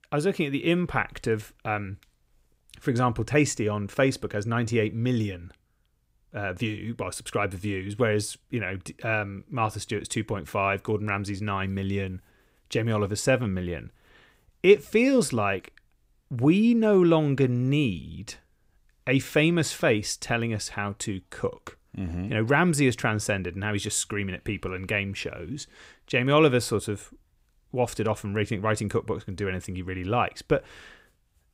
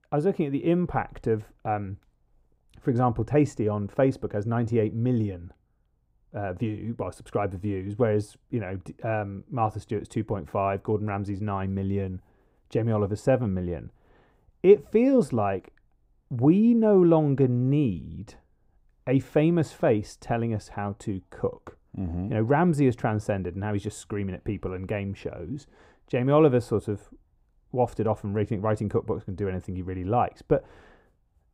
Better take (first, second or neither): first